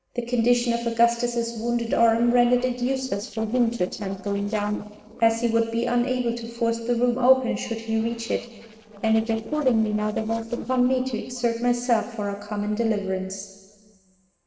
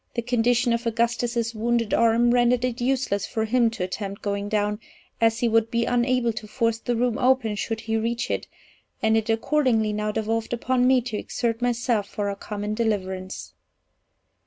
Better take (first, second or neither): second